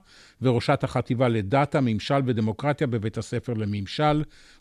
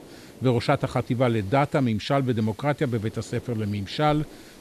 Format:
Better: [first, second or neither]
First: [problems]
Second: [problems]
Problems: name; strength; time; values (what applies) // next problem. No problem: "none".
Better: first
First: none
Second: hiss; faint; throughout; 20 dB below the speech